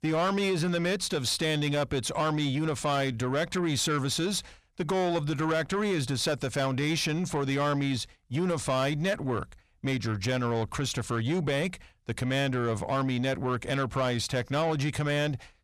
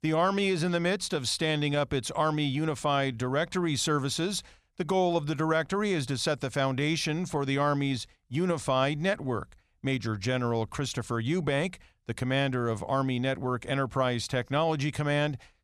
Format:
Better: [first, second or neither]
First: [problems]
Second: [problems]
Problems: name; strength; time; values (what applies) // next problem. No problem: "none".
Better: second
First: distortion; slight; 10 dB below the speech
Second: none